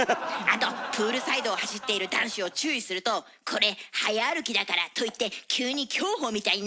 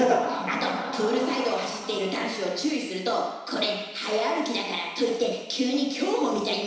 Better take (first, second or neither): first